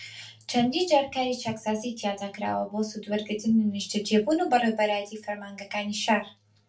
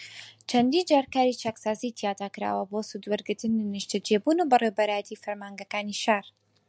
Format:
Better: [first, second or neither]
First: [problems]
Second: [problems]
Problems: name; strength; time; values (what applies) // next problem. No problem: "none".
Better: second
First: room echo; dies away in 0.2 s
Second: none